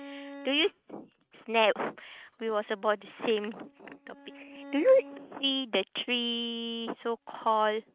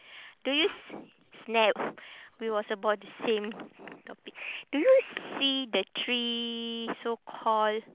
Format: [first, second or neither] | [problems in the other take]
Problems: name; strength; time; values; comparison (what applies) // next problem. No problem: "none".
second | noise reduction (neural mask model RNNoise)